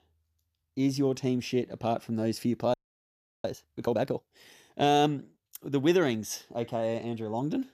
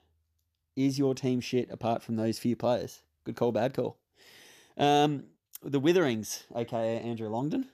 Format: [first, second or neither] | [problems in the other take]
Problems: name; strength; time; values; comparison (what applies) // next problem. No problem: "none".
second | audio freezing; at 2.5 s for 0.5 s